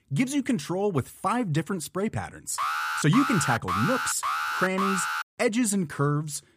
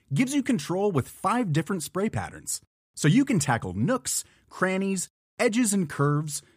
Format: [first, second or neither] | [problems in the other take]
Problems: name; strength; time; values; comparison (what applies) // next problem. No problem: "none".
second | alarm; loud; from 2.5 to 5 s; peak level with the speech